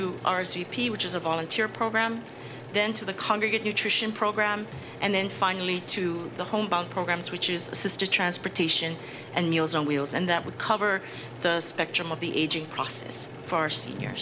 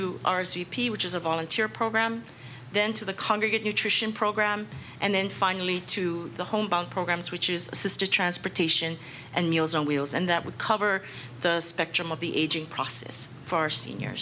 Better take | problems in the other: second | background sound (Mechanisms); 15 dB below the speech

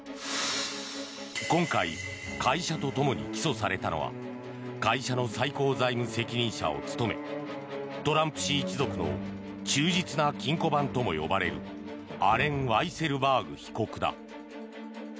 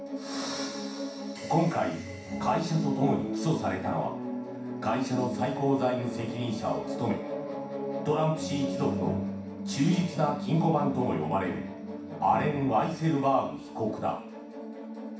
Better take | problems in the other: first | room echo; dies away in 0.7 s

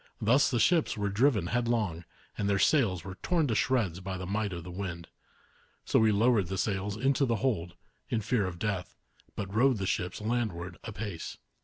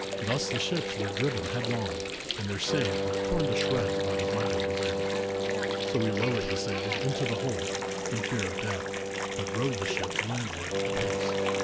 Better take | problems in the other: first | background sound (Water + Wind instrument, woodwind instrument); 3 dB above the speech

